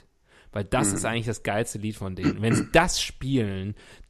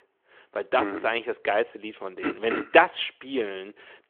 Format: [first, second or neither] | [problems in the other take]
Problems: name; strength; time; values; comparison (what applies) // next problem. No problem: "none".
first | phone-call audio